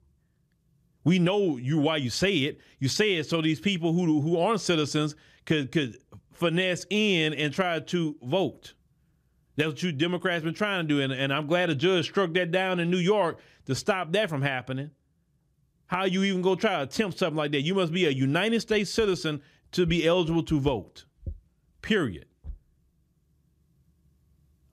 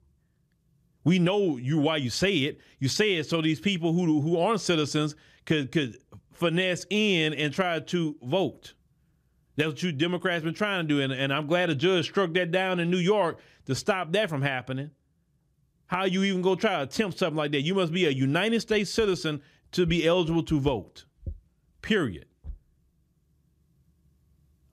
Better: neither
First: none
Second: none

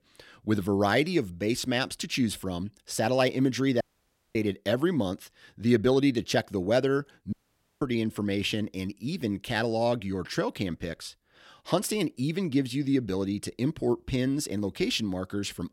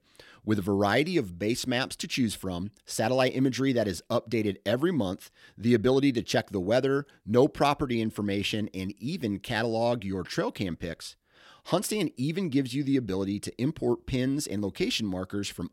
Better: second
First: audio cutting out; at 4 s for 0.5 s and at 7.5 s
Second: none

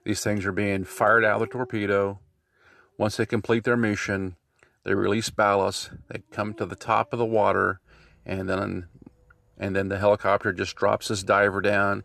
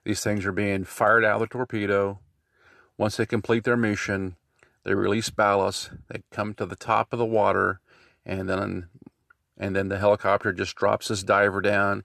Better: second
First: animal sounds; faint; throughout; 25 dB below the speech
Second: none

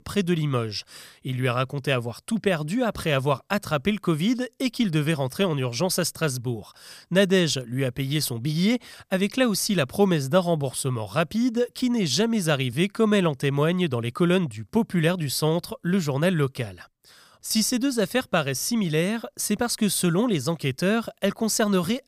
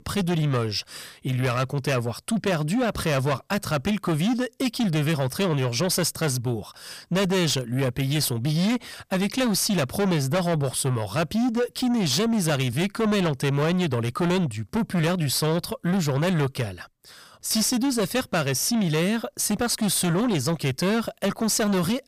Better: first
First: none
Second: distortion; heavy; 8 dB below the speech

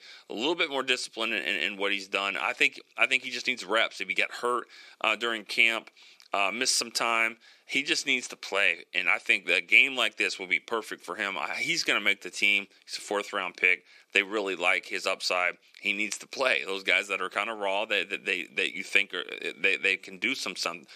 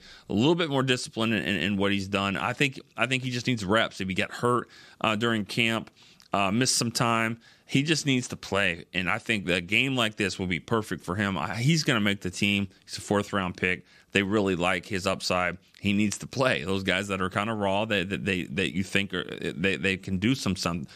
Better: second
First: thin; somewhat; fading below 350 Hz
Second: none

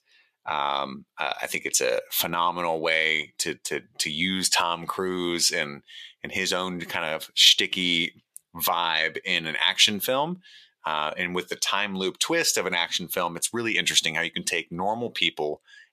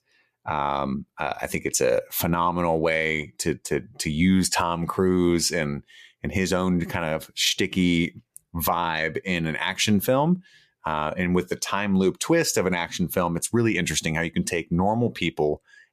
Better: second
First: thin; somewhat; fading below 750 Hz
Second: none

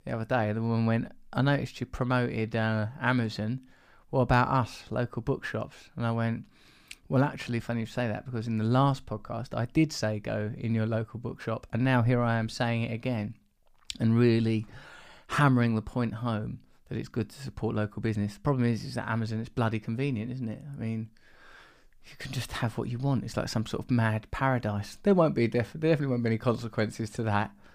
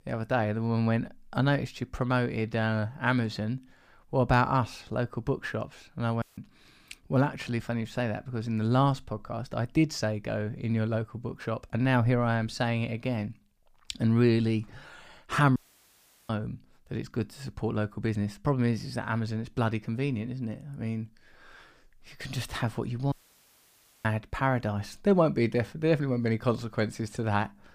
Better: first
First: none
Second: audio cutting out; at 6 s, at 16 s for 0.5 s and at 23 s for 1 s

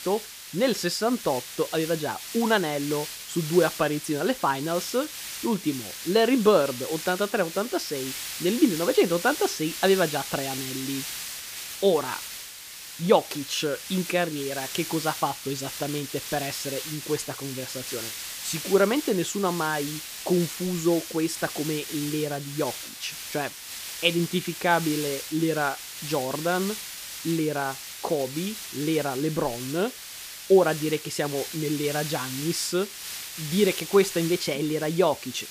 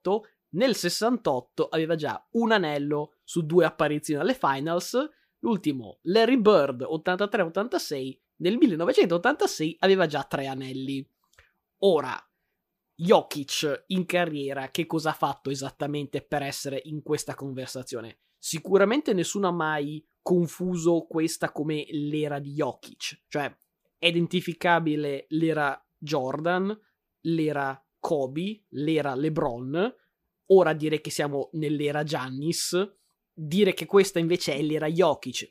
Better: second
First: hiss; loud; throughout; 8 dB below the speech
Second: none

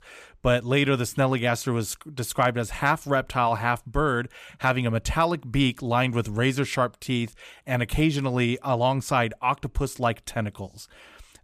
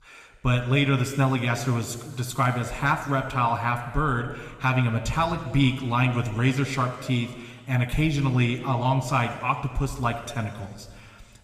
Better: first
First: none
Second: room echo; slight; dies away in 1.9 s

